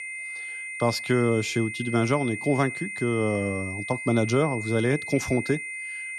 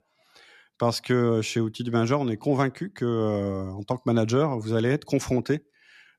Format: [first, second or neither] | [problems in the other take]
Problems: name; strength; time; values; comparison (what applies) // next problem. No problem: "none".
second | high-pitched whine; loud; throughout; 2 kHz, 7 dB below the speech